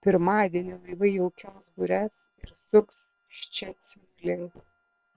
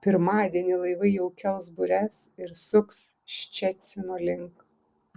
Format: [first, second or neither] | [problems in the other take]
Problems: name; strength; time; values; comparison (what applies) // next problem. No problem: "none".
second | noise reduction (neural separator model SepFormer WHAM!)